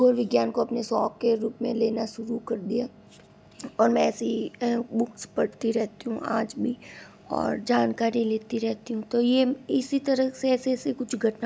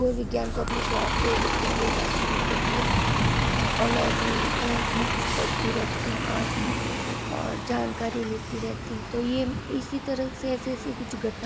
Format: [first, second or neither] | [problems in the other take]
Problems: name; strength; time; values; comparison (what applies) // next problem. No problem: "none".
first | background sound (Bus); 4 dB above the speech